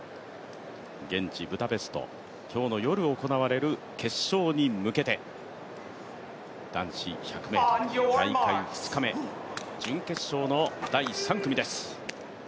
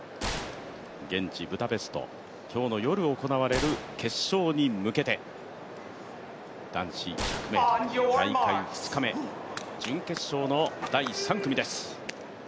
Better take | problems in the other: first | background sound (Gunshot, gunfire); 13 dB below the speech

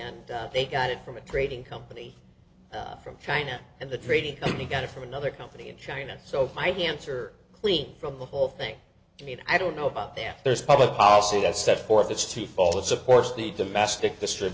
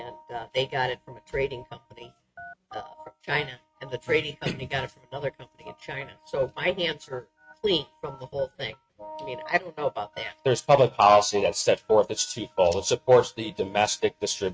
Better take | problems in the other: first | noise reduction (neural mask model RNNoise)

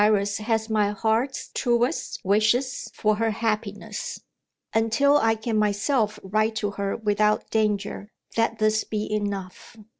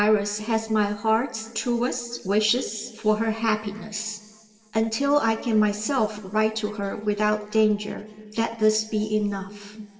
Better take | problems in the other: first | room echo; dies away in 1.7 s

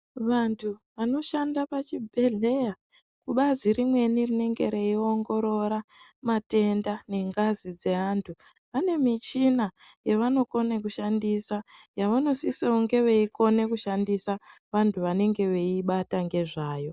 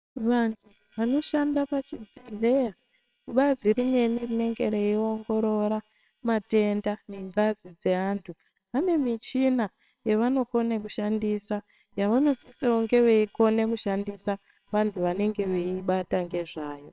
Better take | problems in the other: first | noise reduction (neural separator model SepFormer WHAMR!)

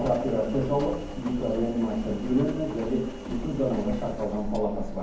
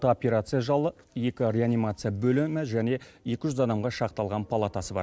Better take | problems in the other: second | background sound (Engine); 8 dB below the speech // room echo; dies away in 1.2 s

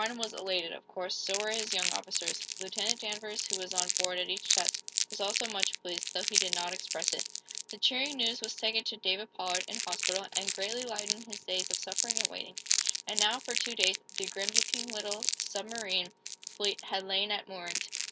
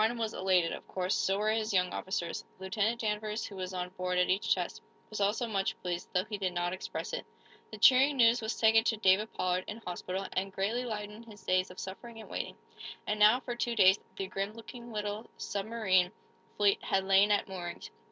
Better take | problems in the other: second | background sound (Crumpling, crinkling); 1 dB above the speech

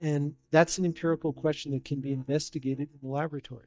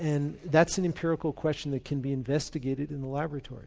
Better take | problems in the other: second | noise reduction (neural mask model DeepFilterNet 3)

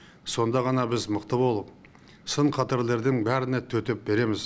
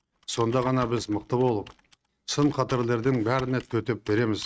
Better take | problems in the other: first | noise reduction (neural mask model RNNoise)

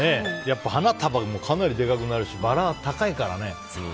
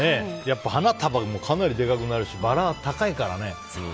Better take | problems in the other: second | background sound (Wind instrument, woodwind instrument + Harp); 18 dB below the speech

